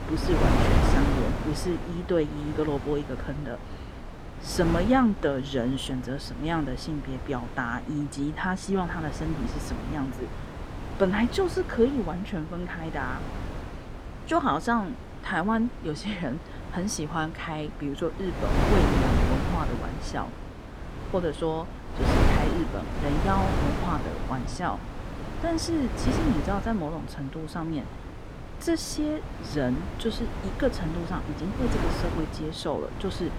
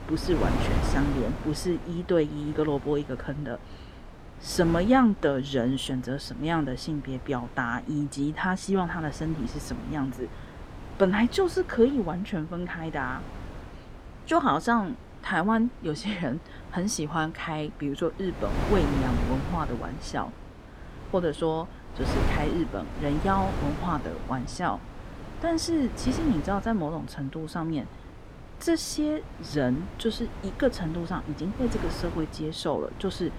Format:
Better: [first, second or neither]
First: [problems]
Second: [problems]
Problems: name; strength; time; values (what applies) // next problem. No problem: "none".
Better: second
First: wind noise on the microphone; heavy; 5 dB below the speech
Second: wind noise on the microphone; occasional gusts; 10 dB below the speech